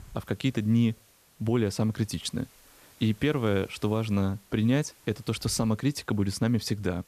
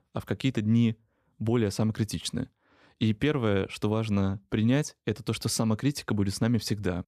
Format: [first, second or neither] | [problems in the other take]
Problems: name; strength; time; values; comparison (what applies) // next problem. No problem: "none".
second | hiss; faint; throughout; 25 dB below the speech